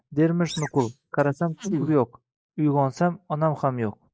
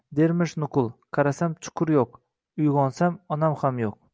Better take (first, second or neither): second